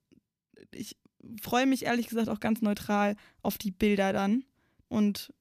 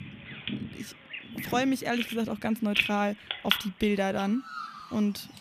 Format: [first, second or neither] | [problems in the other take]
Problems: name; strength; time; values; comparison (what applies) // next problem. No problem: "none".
first | animal sounds; loud; throughout; 4 dB below the speech